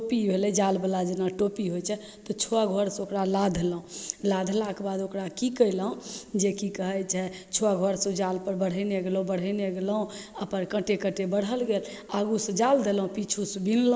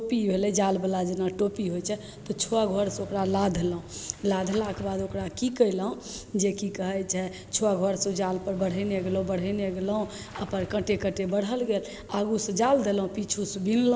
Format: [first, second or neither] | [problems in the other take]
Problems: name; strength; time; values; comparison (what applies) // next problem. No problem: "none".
first | background sound (Engine starting / Motorcycle); 17 dB below the speech